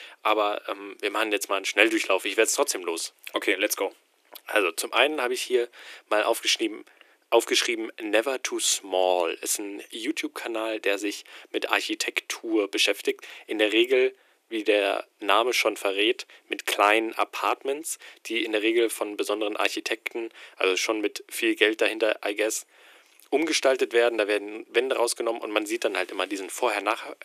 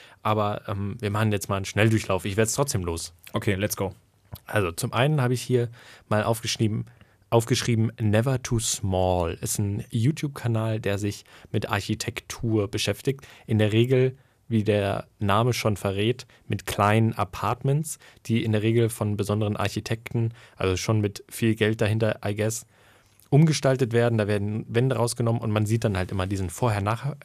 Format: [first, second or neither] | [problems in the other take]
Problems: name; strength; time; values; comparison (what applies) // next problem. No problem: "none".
second | thin; very; fading below 300 Hz